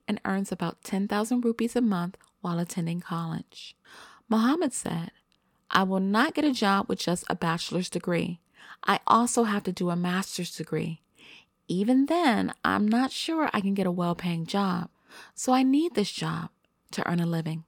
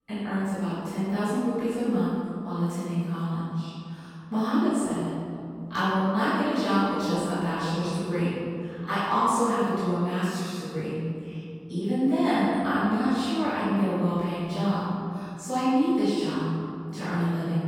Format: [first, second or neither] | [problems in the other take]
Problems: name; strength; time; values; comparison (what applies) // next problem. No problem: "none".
first | off-mic speech; far // room echo; strong; dies away in 2.6 s